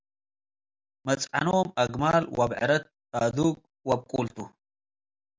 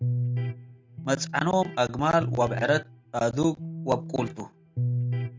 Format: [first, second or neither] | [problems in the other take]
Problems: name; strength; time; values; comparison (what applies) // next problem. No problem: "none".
first | background sound (Electric guitar); 4 dB below the speech